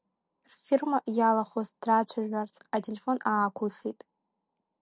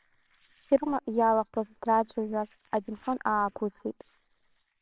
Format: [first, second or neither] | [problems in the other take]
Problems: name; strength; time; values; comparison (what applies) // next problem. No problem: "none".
first | noise reduction (neural separator model SepFormer WHAMR!)